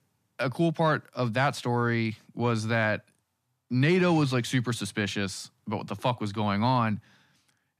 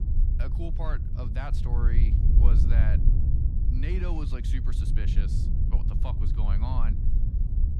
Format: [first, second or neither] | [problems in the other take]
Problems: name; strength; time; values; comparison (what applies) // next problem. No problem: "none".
first | low rumble; loud; throughout; 3 dB below the speech